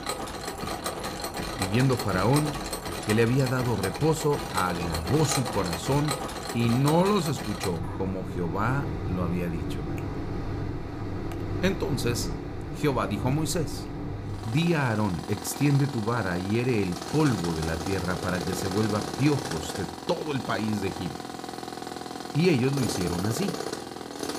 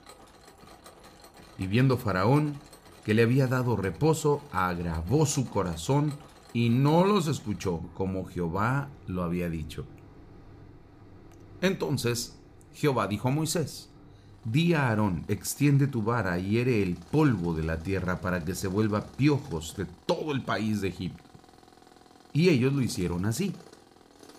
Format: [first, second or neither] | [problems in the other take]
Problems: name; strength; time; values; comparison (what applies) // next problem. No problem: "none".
second | machinery noise; loud; throughout; 6 dB below the speech; faint in the second